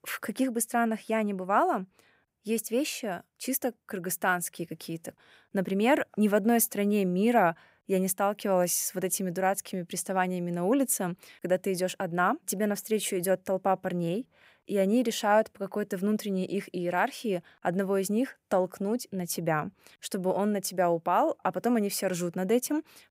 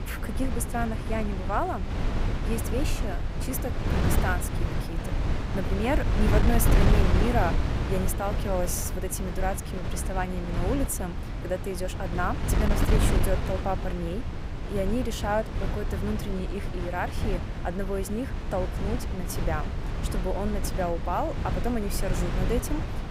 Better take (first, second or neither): first